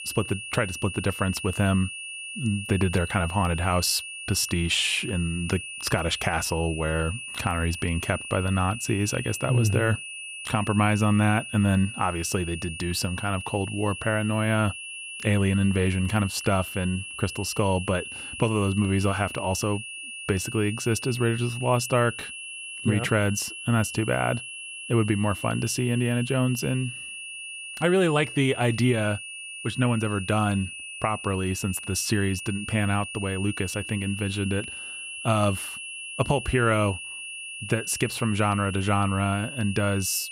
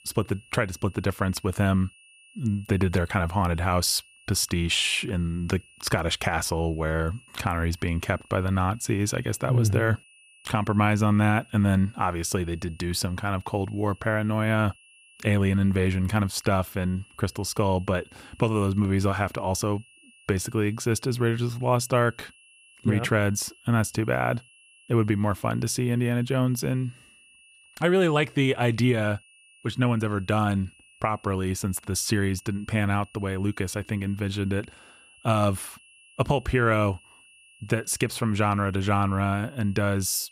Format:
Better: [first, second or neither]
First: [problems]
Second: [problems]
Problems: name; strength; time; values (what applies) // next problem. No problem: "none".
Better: second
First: high-pitched whine; loud; throughout; 2.5 kHz, 9 dB below the speech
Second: high-pitched whine; faint; throughout; 2.5 kHz, 25 dB below the speech